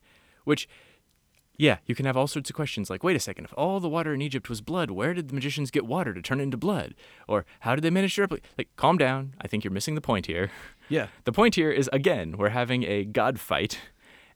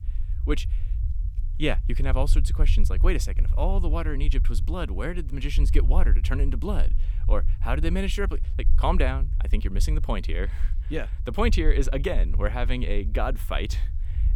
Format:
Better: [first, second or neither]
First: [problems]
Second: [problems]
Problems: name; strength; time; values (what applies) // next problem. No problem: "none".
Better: first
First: none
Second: low rumble; noticeable; throughout; 15 dB below the speech